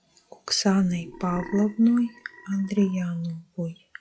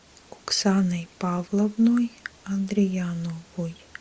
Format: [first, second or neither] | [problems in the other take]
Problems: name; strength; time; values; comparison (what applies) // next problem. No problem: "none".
second | noise reduction (classical method log-MMSE)